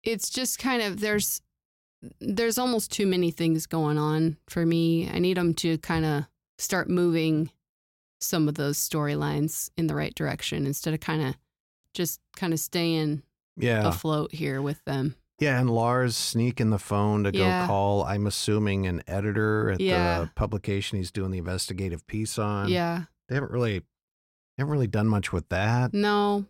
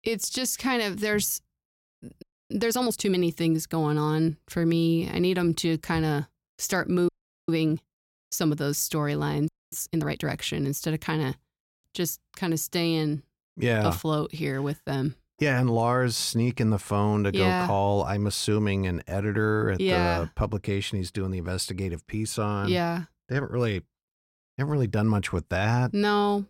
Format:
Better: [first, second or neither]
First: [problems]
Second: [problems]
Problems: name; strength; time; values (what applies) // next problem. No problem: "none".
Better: first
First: none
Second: audio freezing; at 2 s, at 7 s and at 9.5 s